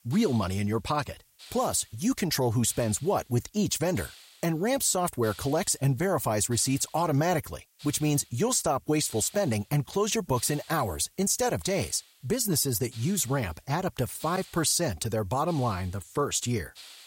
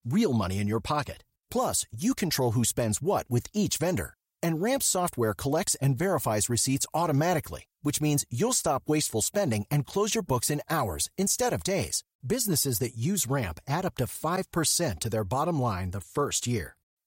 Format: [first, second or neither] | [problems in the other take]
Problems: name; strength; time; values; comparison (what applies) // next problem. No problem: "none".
second | hiss; faint; throughout; 25 dB below the speech